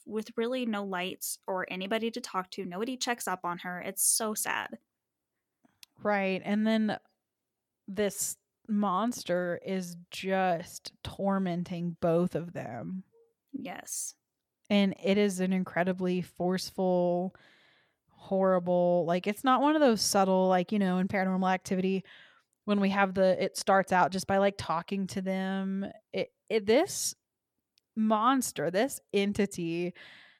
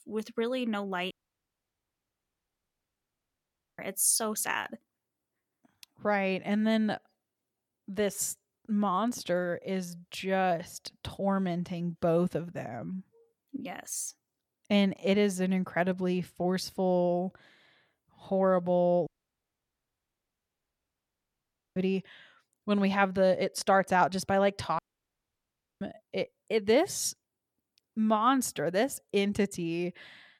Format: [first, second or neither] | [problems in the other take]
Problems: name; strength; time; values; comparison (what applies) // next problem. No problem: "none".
first | audio cutting out; at 1 s for 2.5 s, at 19 s for 2.5 s and at 25 s for 1 s